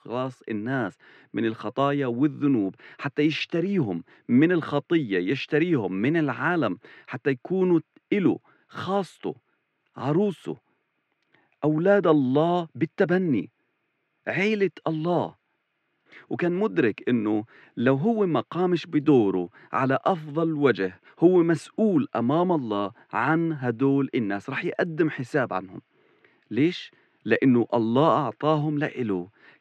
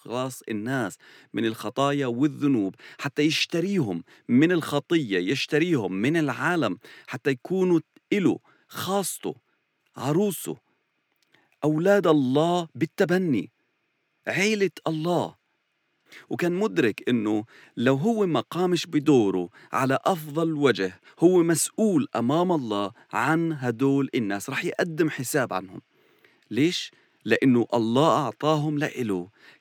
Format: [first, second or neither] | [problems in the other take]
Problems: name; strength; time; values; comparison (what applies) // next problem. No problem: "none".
second | muffled; slightly; fading above 2.5 kHz